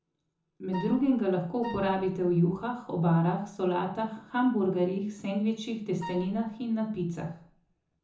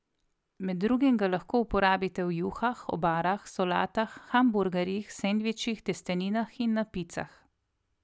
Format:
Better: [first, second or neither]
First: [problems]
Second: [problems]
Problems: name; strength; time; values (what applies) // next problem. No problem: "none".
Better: second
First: background sound (Wind instrument, woodwind instrument); 14 dB below the speech // room echo; dies away in 0.6 s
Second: none